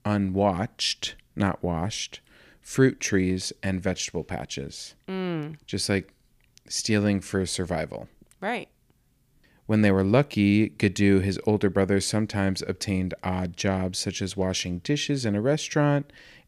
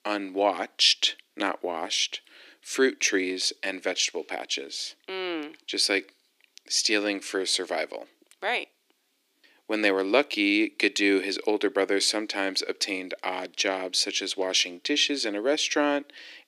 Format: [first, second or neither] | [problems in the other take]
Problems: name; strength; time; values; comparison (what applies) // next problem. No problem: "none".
first | thin; somewhat; fading below 300 Hz